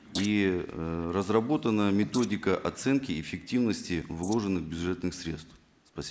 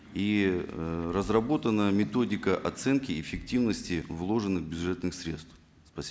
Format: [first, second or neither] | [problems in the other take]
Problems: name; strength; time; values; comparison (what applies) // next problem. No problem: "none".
second | noise reduction (neural mask model Resemble Enhance denoiser)